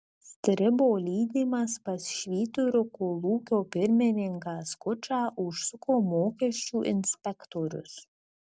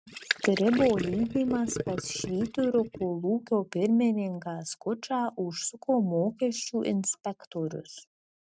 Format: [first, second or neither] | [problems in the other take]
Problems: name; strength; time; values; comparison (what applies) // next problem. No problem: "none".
first | noise reduction (neural mask model RNNoise)